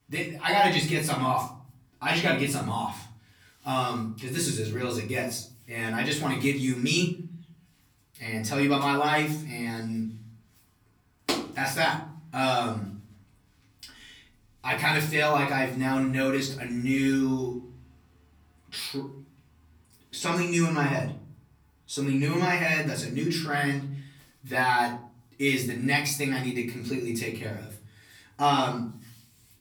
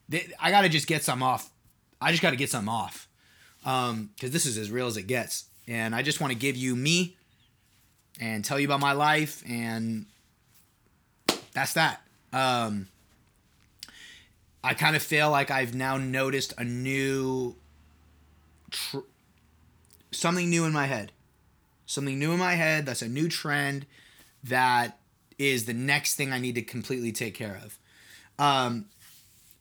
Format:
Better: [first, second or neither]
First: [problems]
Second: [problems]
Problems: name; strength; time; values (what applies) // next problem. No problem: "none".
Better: second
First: off-mic speech; far // room echo; slight; dies away in 0.5 s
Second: none